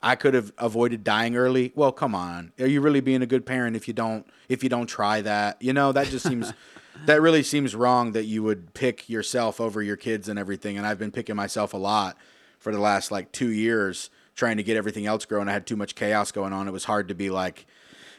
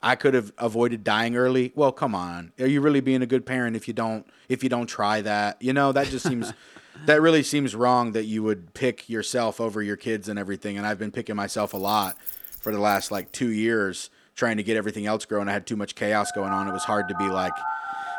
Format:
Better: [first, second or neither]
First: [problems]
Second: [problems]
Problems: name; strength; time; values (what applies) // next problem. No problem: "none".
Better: first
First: none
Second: jangling keys; noticeable; from 12 to 13 s; peak 8 dB below the speech // phone ringing; noticeable; from 16 s on; peak 4 dB below the speech